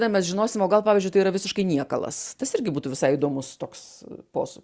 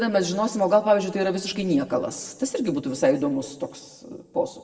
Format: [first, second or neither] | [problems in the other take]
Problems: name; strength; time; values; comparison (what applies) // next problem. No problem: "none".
first | room echo; dies away in 1 s